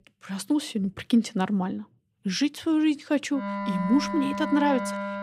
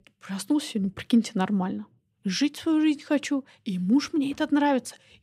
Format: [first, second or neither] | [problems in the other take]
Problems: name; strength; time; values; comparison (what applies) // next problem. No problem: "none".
second | background music; loud; from 3.5 s on; 5 dB below the speech